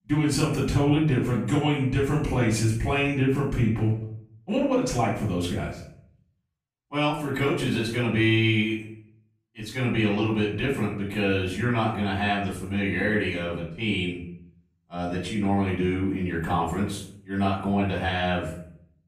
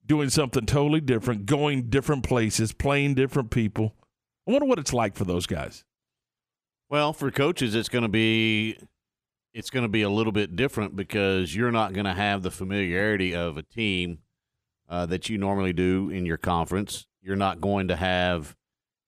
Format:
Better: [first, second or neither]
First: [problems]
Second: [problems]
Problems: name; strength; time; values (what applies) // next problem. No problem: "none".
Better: second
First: off-mic speech; far // room echo; noticeable; dies away in 0.5 s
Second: none